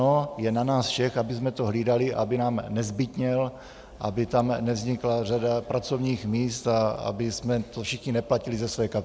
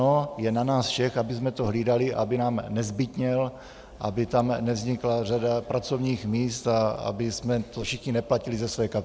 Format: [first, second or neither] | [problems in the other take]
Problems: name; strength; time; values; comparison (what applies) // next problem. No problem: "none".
first | background sound (Whoosh, swoosh, swish); 17 dB below the speech